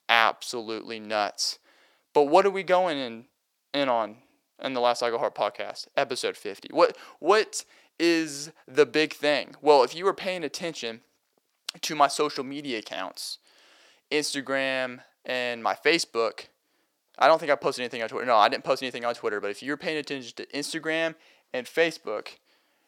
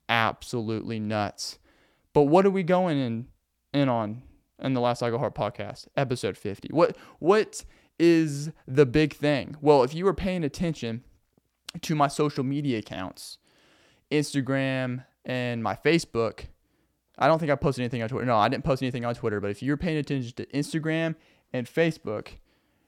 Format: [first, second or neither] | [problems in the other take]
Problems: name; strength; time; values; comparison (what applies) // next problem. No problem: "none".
second | thin; somewhat; fading below 500 Hz